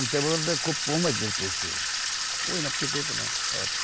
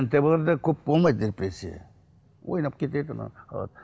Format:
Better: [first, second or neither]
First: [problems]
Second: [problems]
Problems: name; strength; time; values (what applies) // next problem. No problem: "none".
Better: second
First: background sound (Sink (filling or washing) / Water tap, faucet); 3 dB above the speech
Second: none